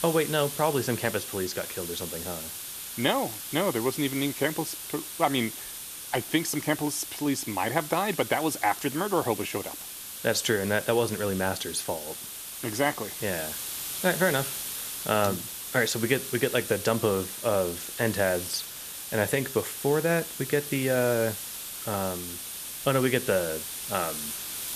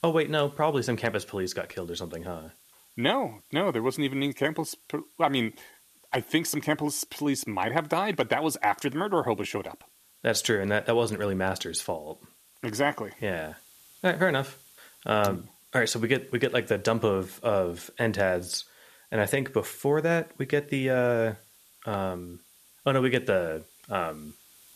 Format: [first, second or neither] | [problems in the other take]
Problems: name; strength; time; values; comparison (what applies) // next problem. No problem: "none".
second | hiss; loud; throughout; 7 dB below the speech; faint in the second